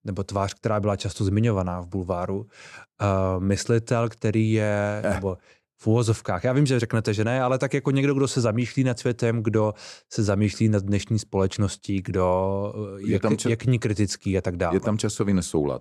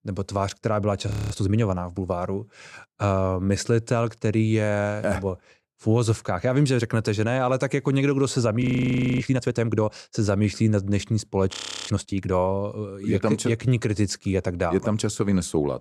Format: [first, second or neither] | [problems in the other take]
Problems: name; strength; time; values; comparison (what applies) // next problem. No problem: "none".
first | audio freezing; at 1 s, at 8.5 s for 0.5 s and at 12 s